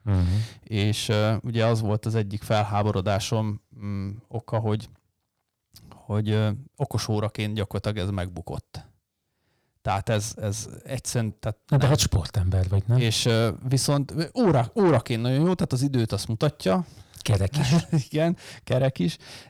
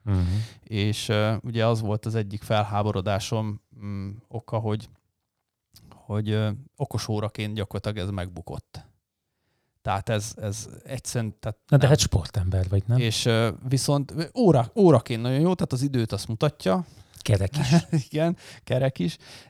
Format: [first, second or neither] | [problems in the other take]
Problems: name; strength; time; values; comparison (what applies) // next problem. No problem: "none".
second | distortion; slight; 10 dB below the speech